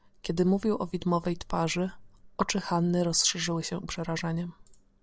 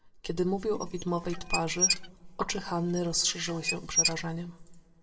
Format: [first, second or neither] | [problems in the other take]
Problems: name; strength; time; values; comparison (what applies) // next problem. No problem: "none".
first | background sound (Squeak / Dishes, pots, and pans); 2 dB below the speech // room echo; dies away in 1.2 s